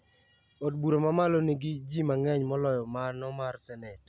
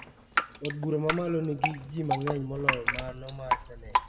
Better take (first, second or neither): first